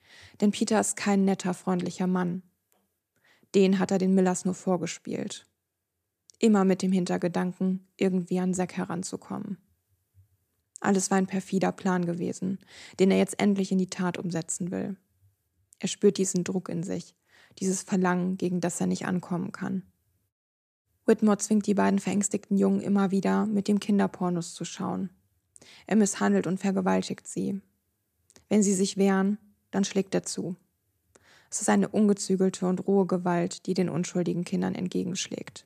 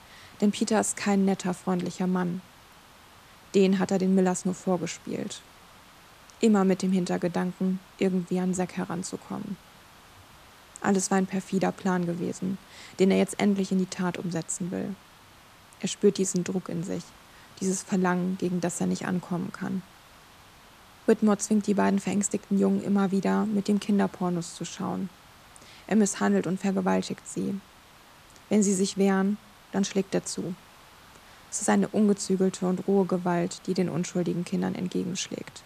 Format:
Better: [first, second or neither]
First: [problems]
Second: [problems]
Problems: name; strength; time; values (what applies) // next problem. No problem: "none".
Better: first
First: none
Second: hiss; faint; throughout; 25 dB below the speech